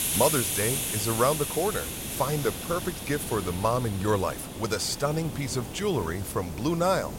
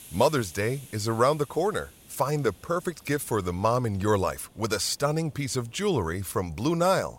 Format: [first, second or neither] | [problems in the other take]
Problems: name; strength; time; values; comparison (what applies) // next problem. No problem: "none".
second | hiss; loud; throughout; 4 dB below the speech; faint in the second